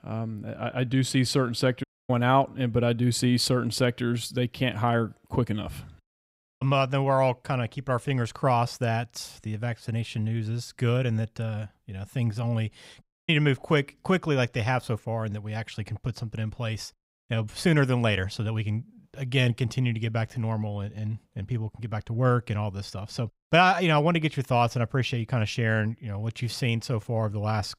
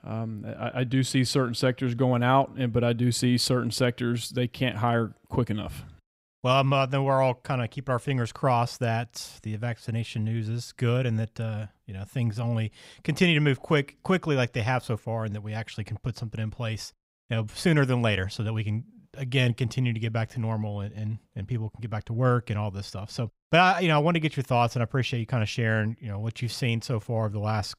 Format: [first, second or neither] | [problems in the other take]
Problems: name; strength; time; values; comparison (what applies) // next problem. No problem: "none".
second | audio cutting out; at 2 s, at 6.5 s and at 13 s